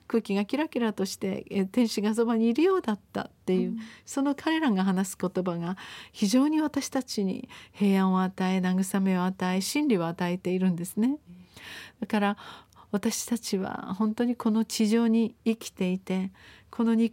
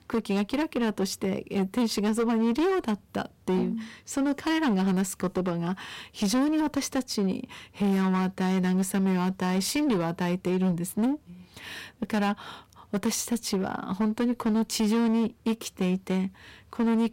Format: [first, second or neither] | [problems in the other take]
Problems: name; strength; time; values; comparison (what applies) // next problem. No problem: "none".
first | distortion; slight; 18% of the sound clipped